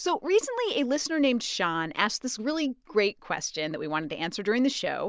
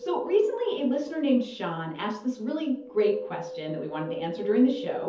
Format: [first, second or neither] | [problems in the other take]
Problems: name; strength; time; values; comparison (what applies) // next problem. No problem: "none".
first | background sound (Wind); 11 dB below the speech // room echo; dies away in 0.5 s